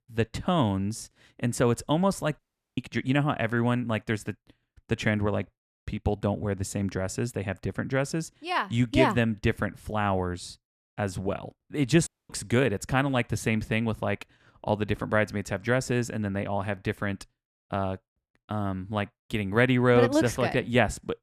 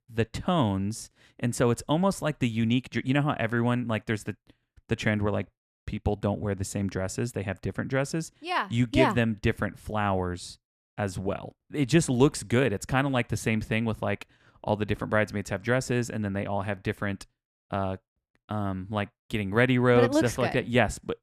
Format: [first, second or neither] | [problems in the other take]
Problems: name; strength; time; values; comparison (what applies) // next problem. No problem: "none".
second | audio cutting out; at 2.5 s and at 12 s